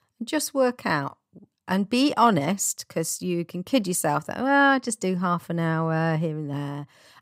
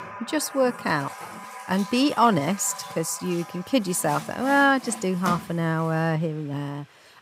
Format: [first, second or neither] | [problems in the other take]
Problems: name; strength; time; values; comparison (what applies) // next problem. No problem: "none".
first | household noises; noticeable; throughout; 15 dB below the speech